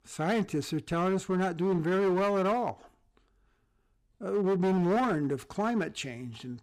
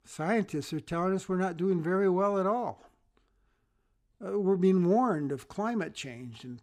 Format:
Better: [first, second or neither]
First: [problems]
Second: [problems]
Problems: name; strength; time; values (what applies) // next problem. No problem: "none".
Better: second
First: distortion; slight; 11% of the sound clipped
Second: none